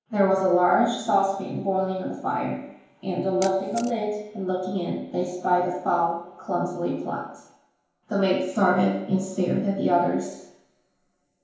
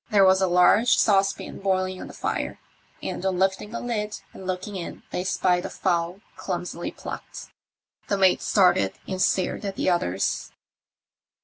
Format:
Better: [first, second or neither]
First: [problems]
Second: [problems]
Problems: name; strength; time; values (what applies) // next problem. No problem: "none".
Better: second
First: background sound (Camera); 19 dB below the speech // room echo; dies away in 1 s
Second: none